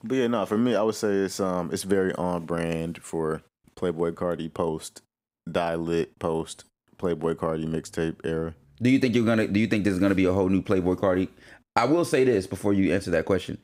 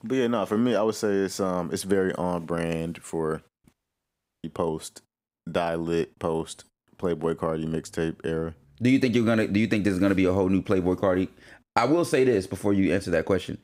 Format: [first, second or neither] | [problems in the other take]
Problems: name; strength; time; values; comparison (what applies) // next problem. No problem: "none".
first | audio cutting out; at 3.5 s for 0.5 s